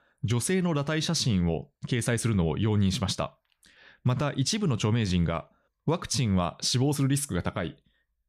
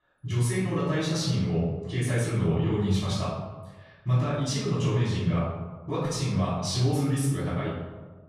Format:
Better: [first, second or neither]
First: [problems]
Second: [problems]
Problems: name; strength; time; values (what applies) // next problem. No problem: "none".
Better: first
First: none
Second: off-mic speech; far // room echo; noticeable; dies away in 1.1 s